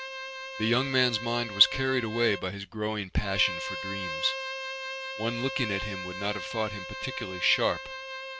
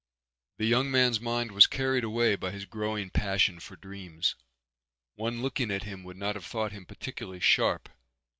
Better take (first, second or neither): second